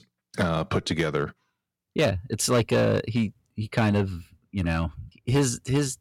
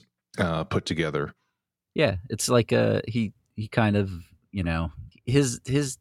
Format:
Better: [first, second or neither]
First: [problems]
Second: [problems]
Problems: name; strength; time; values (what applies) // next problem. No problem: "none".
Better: second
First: distortion; slight; 4% of the sound clipped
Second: none